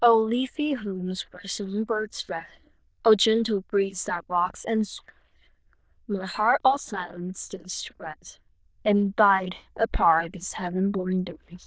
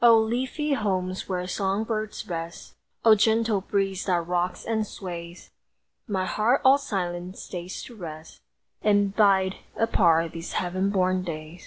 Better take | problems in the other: second | noise reduction (neural diffusion model UNIVERSE++)

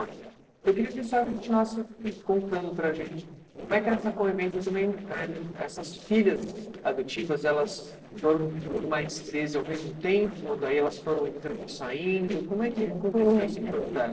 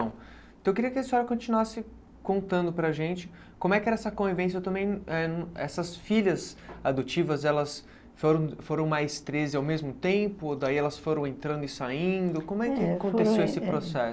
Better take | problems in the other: second | noise reduction (neural separator model SepFormer DNS4)

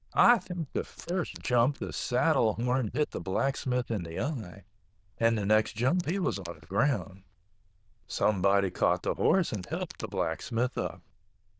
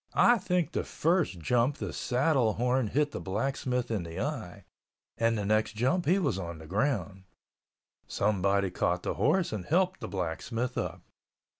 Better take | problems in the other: second | noise reduction (neural diffusion model UNIVERSE++)

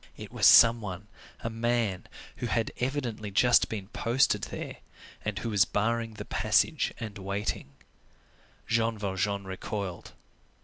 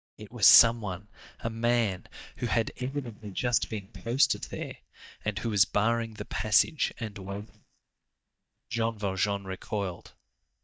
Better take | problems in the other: first | noise reduction (neural mask model DeepFilterNet 3)

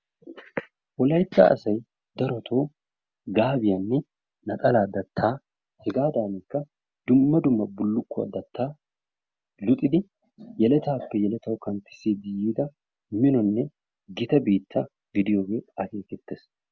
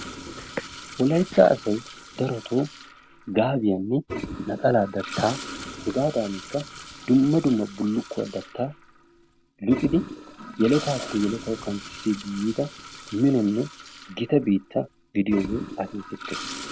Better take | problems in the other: first | background sound (Toilet flush); 13 dB below the speech

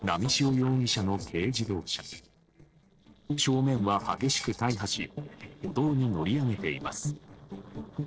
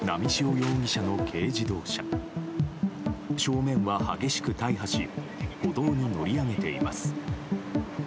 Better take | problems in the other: second | noise reduction (neural separator model SepFormer DNS4)

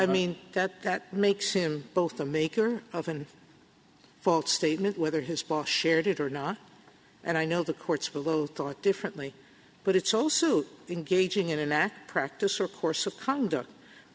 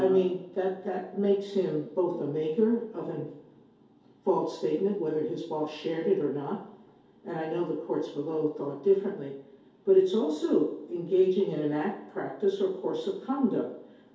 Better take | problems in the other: first | room echo; dies away in 2.4 s

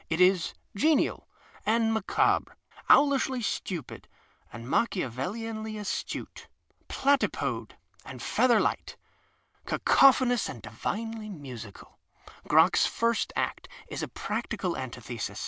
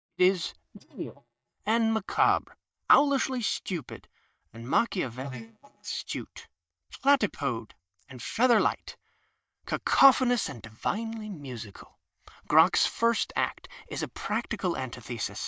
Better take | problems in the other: first | noise reduction (neural mask model DeepFilterNet 3)

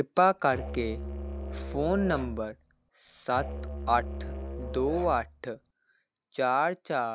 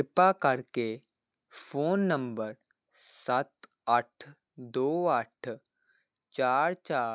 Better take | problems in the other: second | background sound (Musical instrument); 7 dB below the speech

